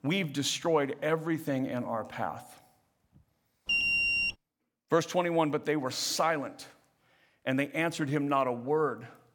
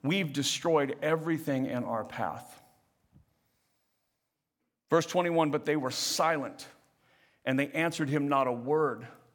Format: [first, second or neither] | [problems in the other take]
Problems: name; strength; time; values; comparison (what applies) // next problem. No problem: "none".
second | alarm; loud; at 3.5 s; peak 6 dB above the speech